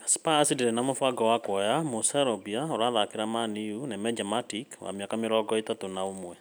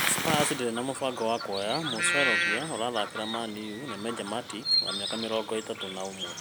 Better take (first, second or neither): first